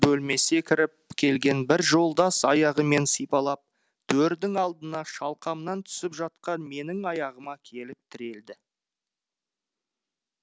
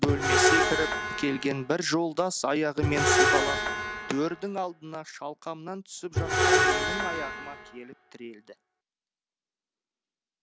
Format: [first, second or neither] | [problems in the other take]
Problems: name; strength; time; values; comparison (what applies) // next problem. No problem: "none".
first | background sound (Screech); 4 dB above the speech